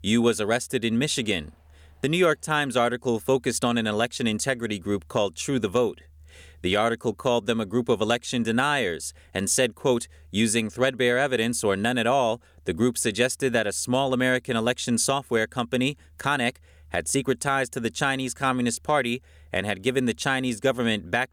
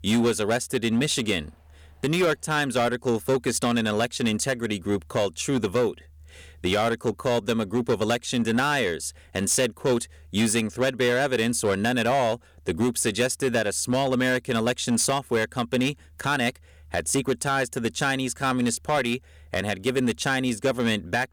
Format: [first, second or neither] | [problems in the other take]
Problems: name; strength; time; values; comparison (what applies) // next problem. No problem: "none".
first | distortion; slight; 7% of the sound clipped